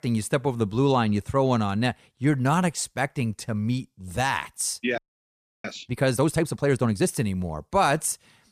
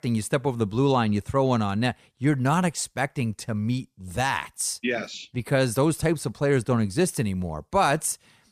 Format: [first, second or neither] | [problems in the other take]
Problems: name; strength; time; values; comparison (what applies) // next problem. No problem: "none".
second | audio freezing; at 5 s for 0.5 s